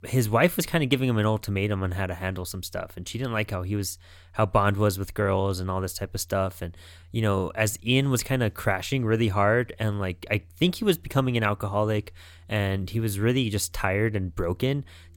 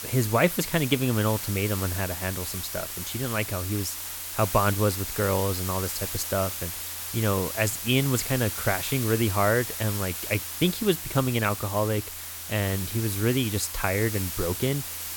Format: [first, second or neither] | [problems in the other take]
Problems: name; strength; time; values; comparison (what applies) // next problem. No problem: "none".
first | hiss; loud; throughout; 5 dB below the speech